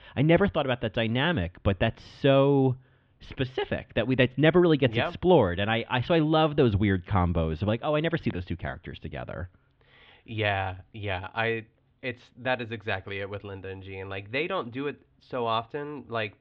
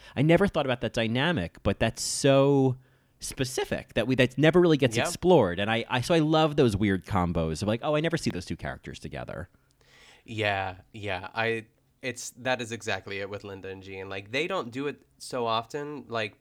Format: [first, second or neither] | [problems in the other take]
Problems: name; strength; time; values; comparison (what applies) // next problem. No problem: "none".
second | muffled; very; fading above 3.5 kHz